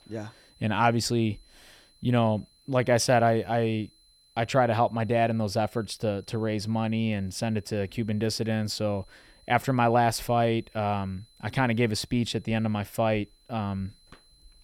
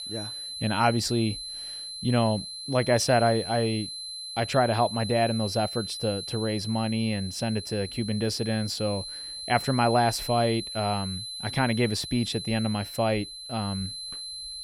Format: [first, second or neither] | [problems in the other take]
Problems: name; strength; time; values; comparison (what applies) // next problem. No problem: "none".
first | high-pitched whine; loud; throughout; 4 kHz, 8 dB below the speech; faint in the first